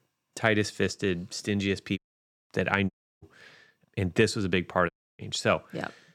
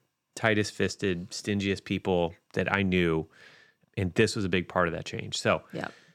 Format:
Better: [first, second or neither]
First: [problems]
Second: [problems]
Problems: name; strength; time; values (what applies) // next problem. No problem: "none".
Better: second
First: audio cutting out; at 2 s for 0.5 s, at 3 s and at 5 s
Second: none